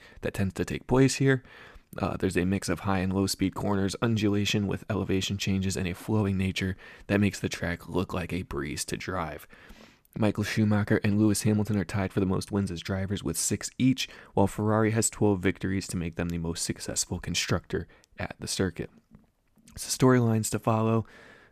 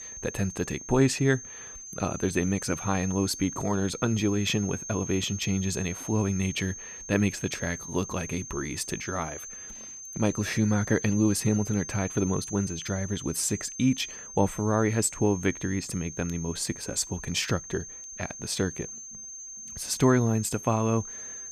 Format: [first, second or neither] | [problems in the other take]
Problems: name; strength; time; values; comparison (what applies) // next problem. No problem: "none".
first | high-pitched whine; noticeable; throughout; 6.5 kHz, 10 dB below the speech